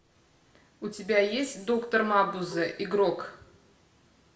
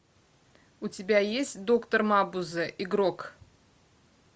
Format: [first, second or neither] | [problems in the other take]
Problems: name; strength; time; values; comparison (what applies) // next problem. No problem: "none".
second | background sound (Marimba, xylophone); 17 dB below the speech // room echo; dies away in 0.6 s